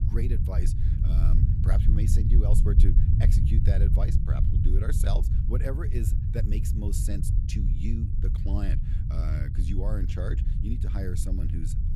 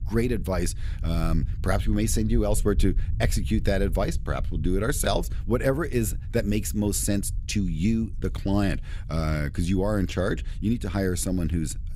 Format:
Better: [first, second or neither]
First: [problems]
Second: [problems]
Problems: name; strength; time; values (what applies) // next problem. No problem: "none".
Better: second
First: low rumble; loud; throughout; 1 dB below the speech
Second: low rumble; faint; throughout; 20 dB below the speech